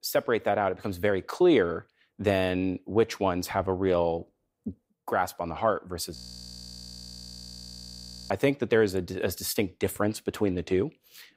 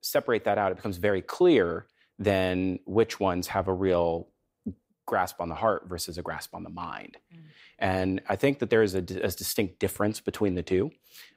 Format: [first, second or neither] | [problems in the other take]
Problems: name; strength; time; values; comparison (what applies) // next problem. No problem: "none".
second | audio freezing; at 6 s for 2 s